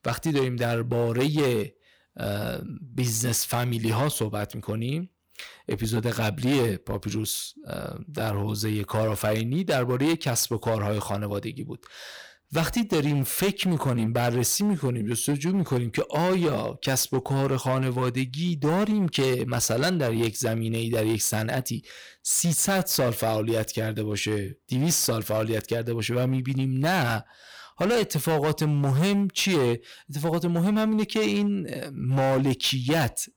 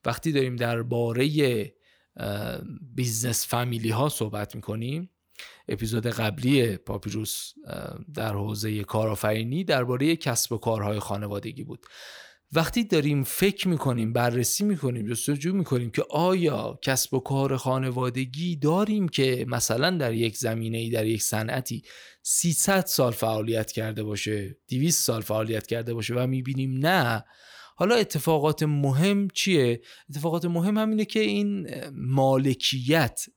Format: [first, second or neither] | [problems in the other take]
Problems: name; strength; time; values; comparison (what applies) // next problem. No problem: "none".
second | distortion; slight; 11% of the sound clipped